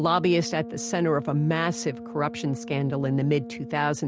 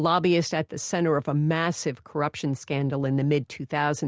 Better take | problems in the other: second | background sound (Brass instrument); 13 dB below the speech

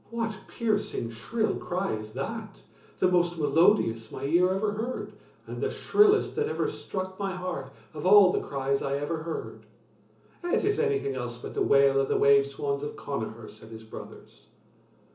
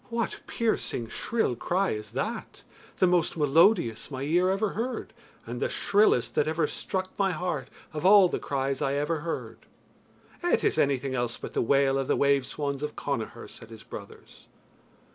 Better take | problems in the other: second | room echo; dies away in 0.8 s

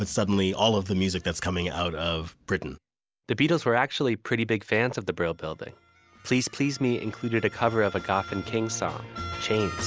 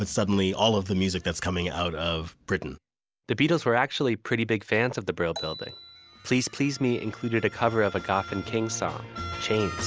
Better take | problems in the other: first | background sound (Marimba, xylophone); 17 dB below the speech

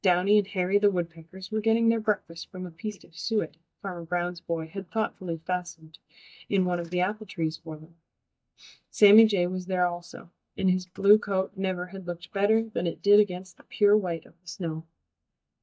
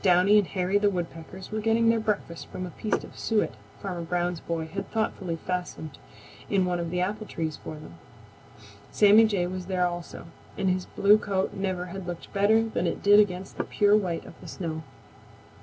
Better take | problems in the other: second | noise reduction (neural mask model DeepFilterNet 3)

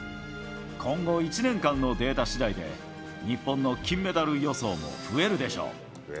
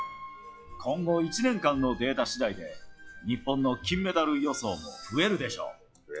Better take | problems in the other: first | noise reduction (classical method log-MMSE)

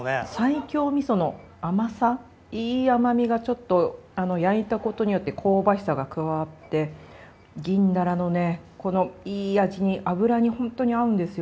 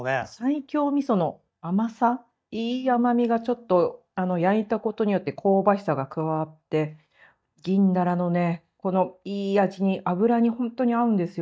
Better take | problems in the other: first | noise reduction (neural mask model DeepFilterNet 3)

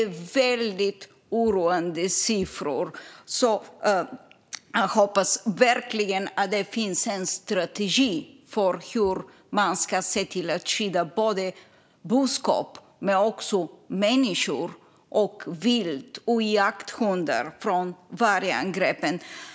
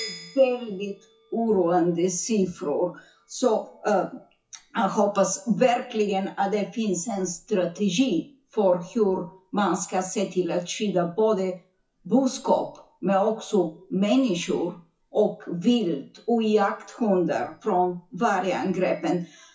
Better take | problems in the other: first | noise reduction (classical method WPE with log-MMSE)

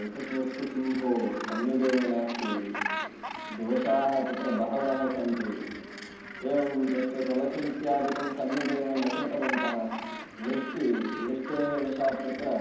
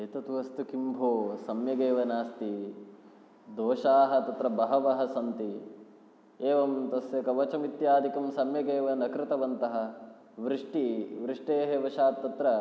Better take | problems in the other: second | background sound (Gull, seagull); 9 dB below the speech // room echo; dies away in 0.8 s

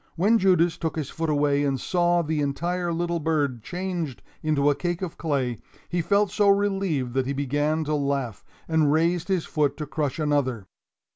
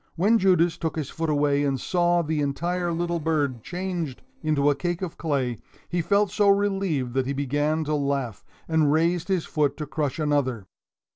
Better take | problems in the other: first | noise reduction (neural separator model SepFormer DNS4)

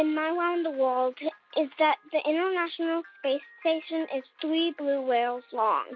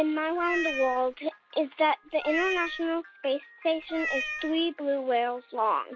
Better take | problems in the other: first | background sound (Meow); 7 dB below the speech

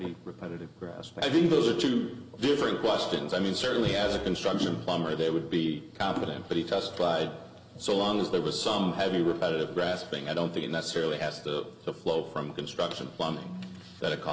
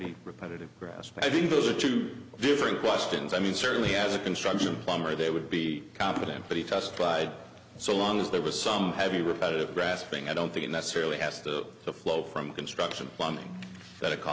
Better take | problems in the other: second | background sound (Musical instrument); 18 dB below the speech // room echo; dies away in 0.5 s

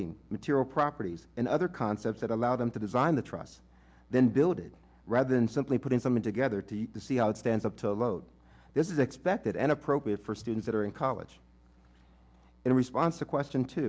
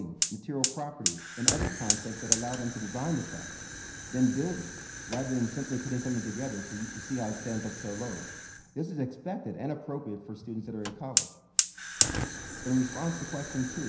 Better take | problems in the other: first | background sound (Fire); as loud as the speech // room echo; dies away in 0.9 s

